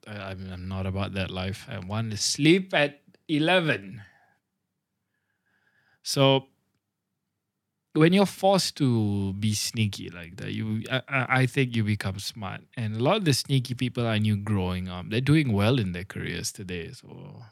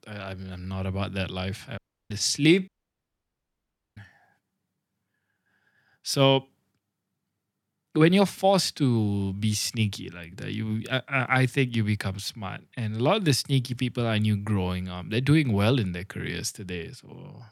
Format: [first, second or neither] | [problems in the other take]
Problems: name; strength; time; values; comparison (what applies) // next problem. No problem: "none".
first | audio cutting out; at 2 s and at 2.5 s for 1.5 s